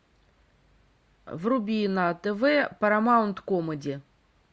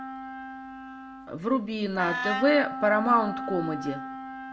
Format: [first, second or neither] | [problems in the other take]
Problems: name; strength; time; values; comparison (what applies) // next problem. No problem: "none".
first | background sound (Wind instrument, woodwind instrument); 7 dB below the speech // room echo; dies away in 0.4 s